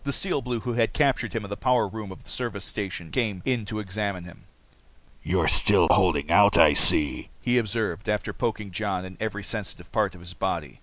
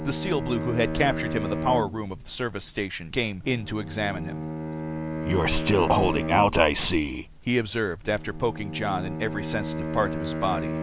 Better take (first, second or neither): first